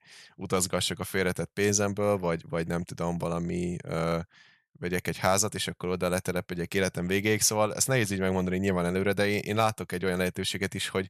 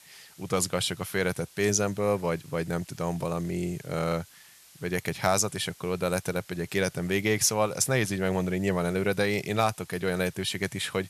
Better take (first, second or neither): first